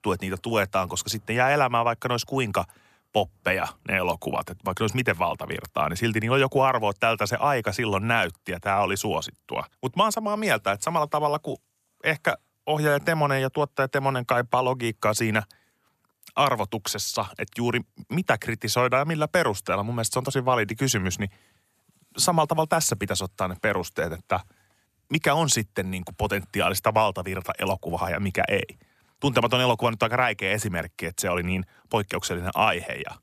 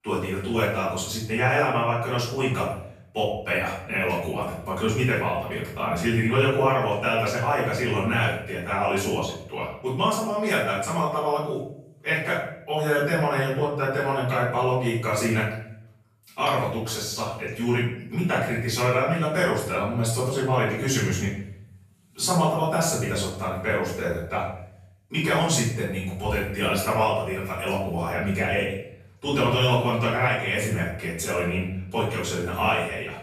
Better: first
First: none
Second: off-mic speech; far // room echo; noticeable; dies away in 0.6 s

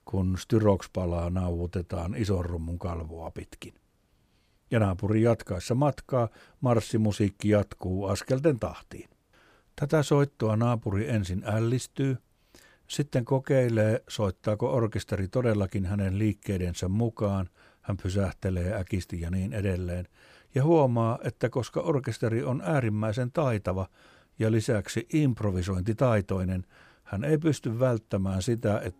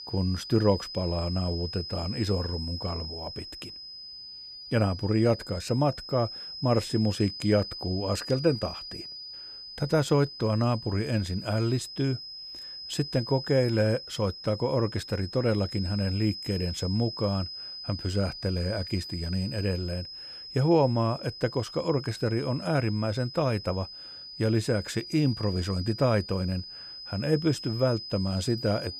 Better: first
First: none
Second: high-pitched whine; loud; throughout; 5 kHz, 10 dB below the speech

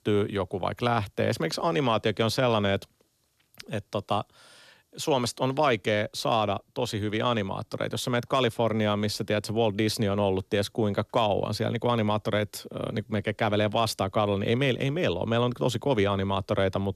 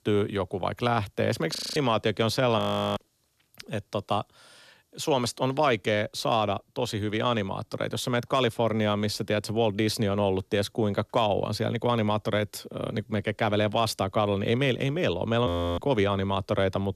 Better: first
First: none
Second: audio freezing; at 1.5 s, at 2.5 s and at 15 s

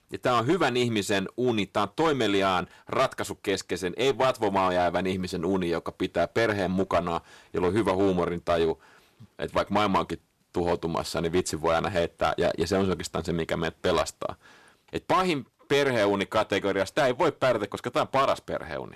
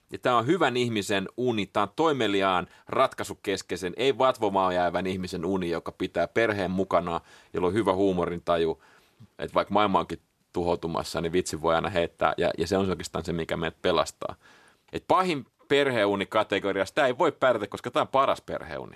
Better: second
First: distortion; slight; 6% of the sound clipped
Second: none

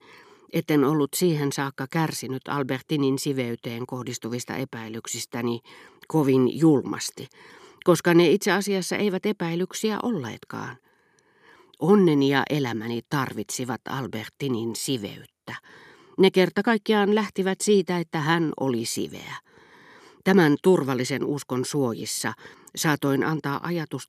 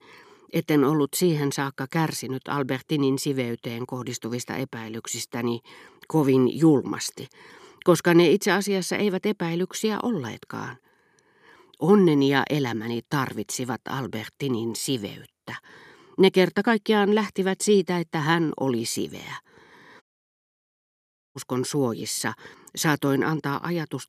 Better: first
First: none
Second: audio cutting out; at 20 s for 1.5 s

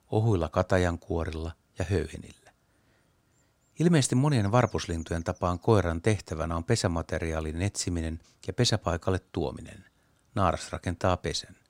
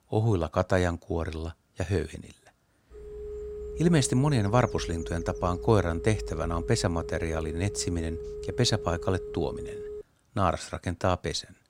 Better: first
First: none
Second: phone ringing; noticeable; from 3 to 10 s; peak 9 dB below the speech

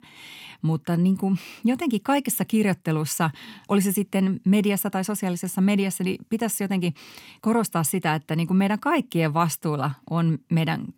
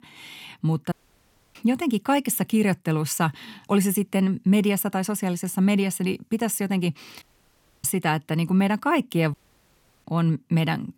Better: first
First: none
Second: audio cutting out; at 1 s for 0.5 s, at 7 s for 0.5 s and at 9.5 s for 0.5 s

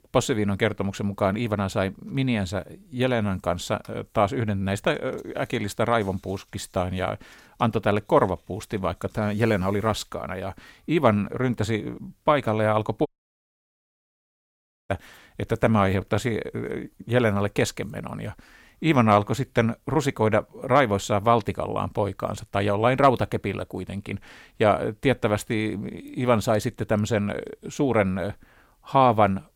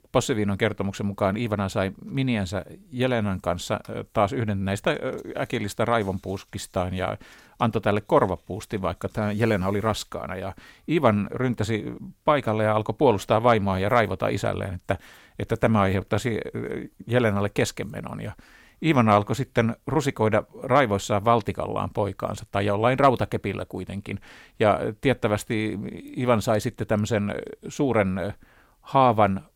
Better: second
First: audio cutting out; at 13 s for 2 s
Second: none

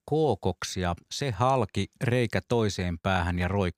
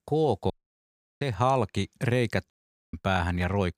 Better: first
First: none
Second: audio cutting out; at 0.5 s for 0.5 s and at 2.5 s

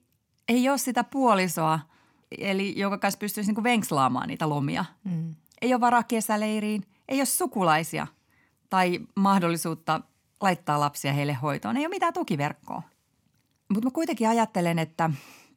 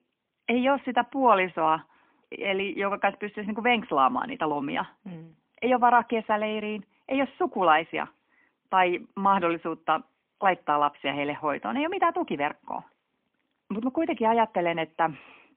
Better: first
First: none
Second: phone-call audio; poor line; nothing above 3 kHz

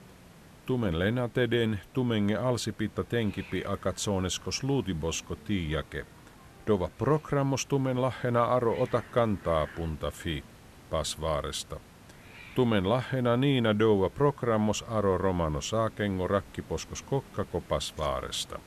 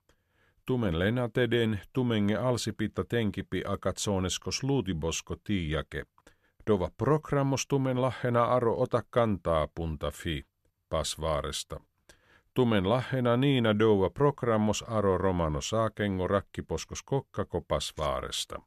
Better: second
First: hiss; faint; throughout; 20 dB below the speech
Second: none

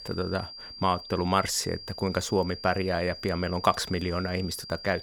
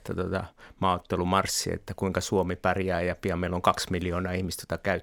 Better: second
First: high-pitched whine; noticeable; throughout; 5 kHz, 10 dB below the speech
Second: none

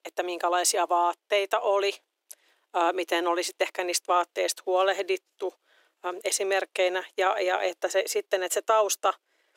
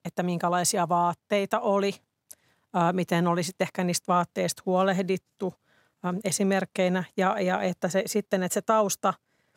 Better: second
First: thin; very; fading below 350 Hz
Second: none

